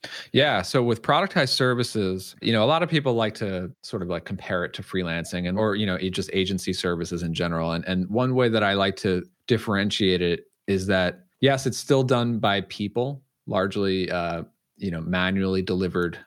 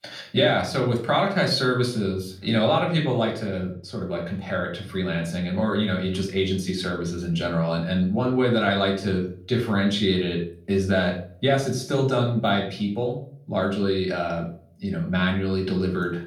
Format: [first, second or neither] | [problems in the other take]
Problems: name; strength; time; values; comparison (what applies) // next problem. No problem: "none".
first | room echo; slight; dies away in 0.4 s // off-mic speech; somewhat distant